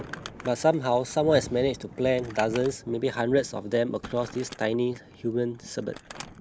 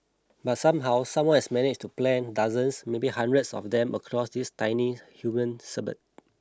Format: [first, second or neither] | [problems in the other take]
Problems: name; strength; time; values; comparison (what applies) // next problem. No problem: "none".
second | background sound (Thunder + Crumpling, crinkling); 15 dB below the speech